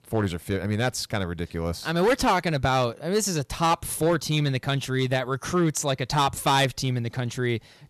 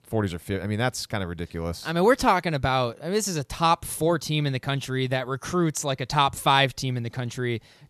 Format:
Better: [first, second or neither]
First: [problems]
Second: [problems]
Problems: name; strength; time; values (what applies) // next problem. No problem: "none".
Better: second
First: distortion; slight; 4% of the sound clipped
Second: none